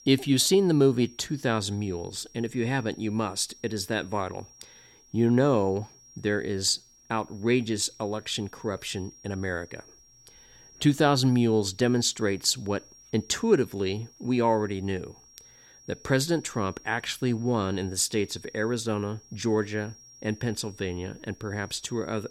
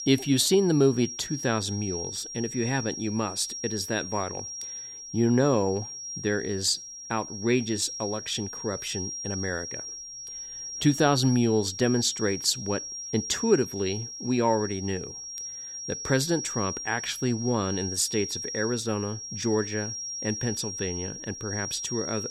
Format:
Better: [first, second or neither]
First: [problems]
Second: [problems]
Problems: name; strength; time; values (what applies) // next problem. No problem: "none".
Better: first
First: high-pitched whine; faint; throughout; 5.5 kHz, 25 dB below the speech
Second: high-pitched whine; loud; throughout; 5.5 kHz, 7 dB below the speech